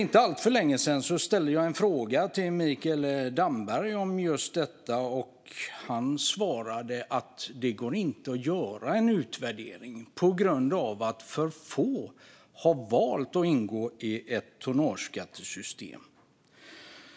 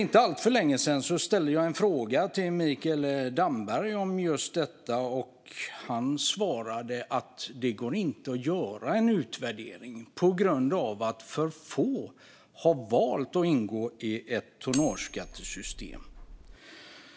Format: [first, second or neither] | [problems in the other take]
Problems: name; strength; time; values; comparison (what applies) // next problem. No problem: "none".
first | background sound (Cutlery, silverware); 14 dB below the speech